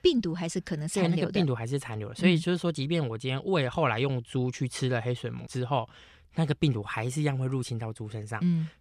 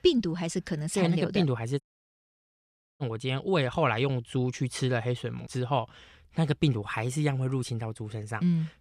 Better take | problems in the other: first | audio cutting out; at 2 s for 1 s

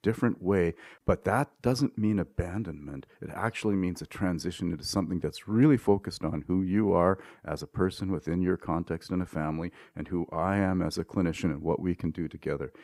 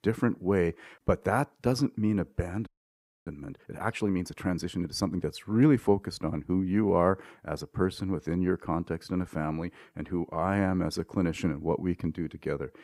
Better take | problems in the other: first | audio freezing; at 2.5 s for 0.5 s

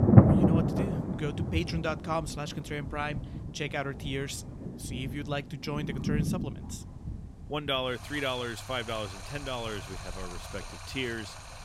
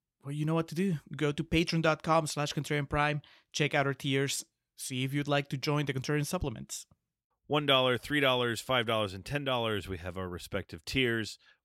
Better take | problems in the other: second | rain or running water; very loud; throughout; 4 dB above the speech

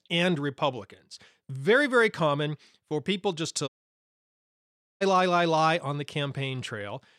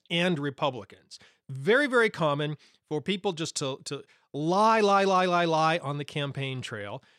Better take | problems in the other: second | audio cutting out; at 3.5 s for 1.5 s

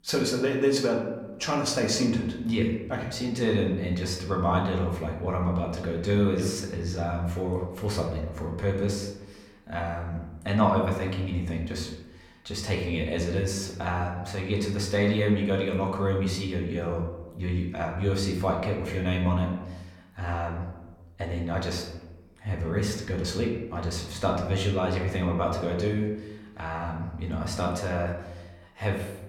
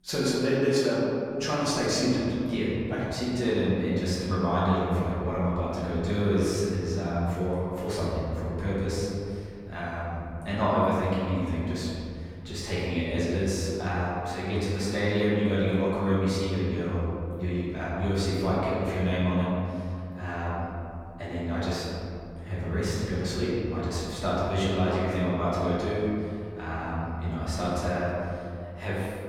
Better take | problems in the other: first | room echo; strong; dies away in 2.4 s; slight in the first // off-mic speech; far; somewhat distant in the first

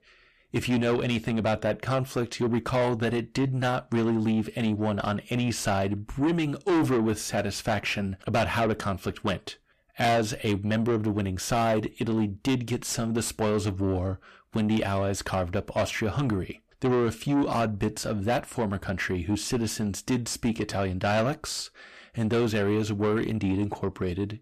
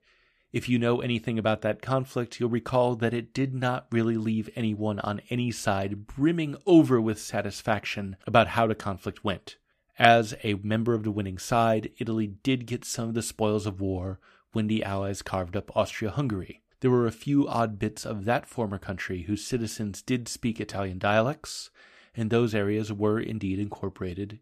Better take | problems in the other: second | distortion; heavy; 5 dB below the speech

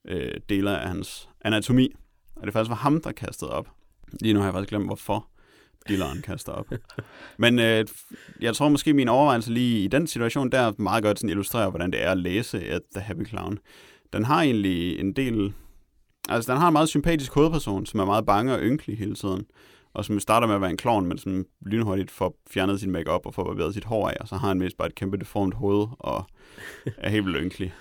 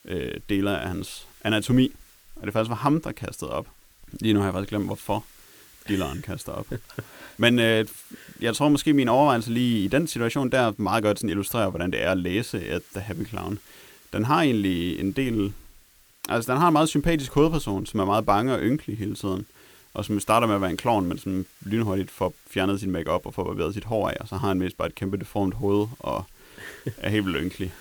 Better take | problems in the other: first | hiss; faint; throughout; 25 dB below the speech

